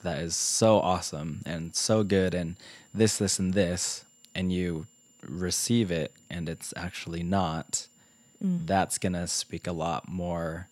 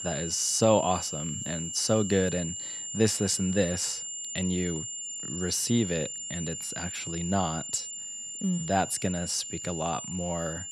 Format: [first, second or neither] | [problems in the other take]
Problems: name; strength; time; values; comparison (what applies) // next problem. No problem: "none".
first | high-pitched whine; loud; throughout; 7 kHz, 6 dB below the speech; faint in the first